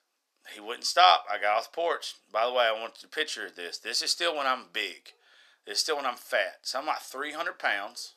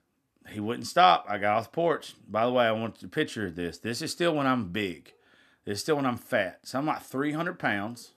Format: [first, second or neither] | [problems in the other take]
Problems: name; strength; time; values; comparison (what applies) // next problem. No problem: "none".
second | thin; very; fading below 550 Hz